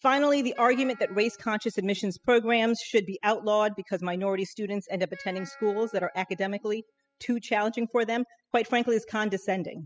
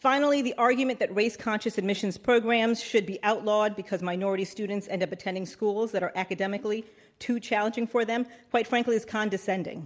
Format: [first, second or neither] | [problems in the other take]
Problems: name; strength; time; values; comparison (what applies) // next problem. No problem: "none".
second | noise reduction (classical method spectral subtraction)